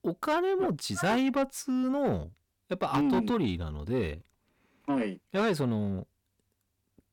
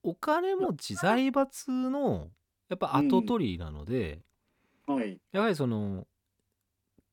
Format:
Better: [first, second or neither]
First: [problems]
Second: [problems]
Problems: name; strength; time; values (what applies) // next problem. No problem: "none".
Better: second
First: distortion; slight; 10 dB below the speech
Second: none